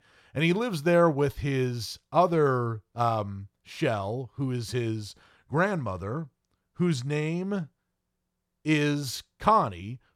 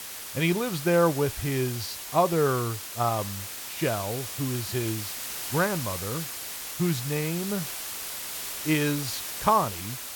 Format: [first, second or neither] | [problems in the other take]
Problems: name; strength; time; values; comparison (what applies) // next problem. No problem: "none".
first | hiss; loud; throughout; 6 dB below the speech